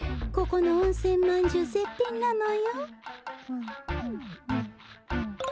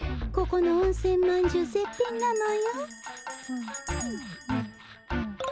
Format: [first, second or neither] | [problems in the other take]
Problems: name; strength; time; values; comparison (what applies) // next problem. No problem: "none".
first | background sound (Bell); 19 dB below the speech